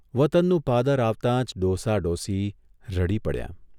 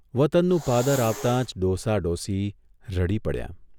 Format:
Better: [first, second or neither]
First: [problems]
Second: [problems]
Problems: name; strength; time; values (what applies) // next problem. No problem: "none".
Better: first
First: none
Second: background sound (Hiss); 15 dB below the speech